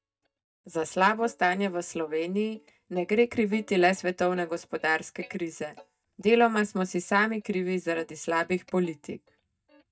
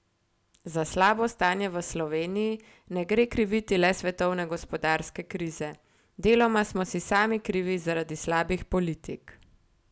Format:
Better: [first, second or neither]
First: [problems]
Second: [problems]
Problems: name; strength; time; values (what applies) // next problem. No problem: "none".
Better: second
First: noise reduction (neural mask model DeepFilterNet 3)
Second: none